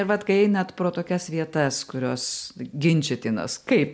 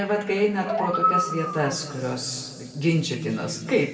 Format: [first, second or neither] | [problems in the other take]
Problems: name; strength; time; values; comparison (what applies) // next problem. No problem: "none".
first | background sound (Animal); 2 dB below the speech // room echo; dies away in 2.2 s